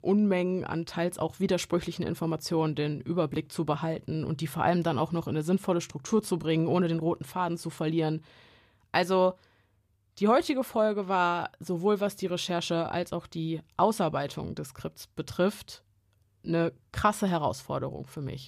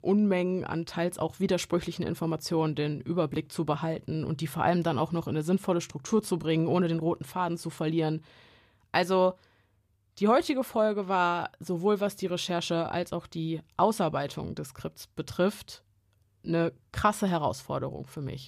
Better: neither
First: none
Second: none

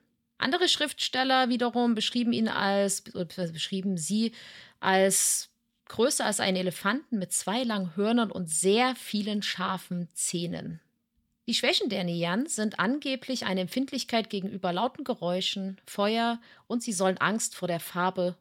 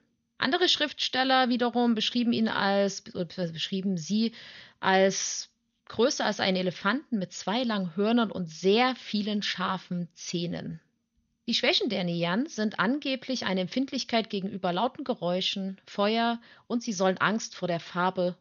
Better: first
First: none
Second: garbled, watery; slightly; nothing above 6.5 kHz

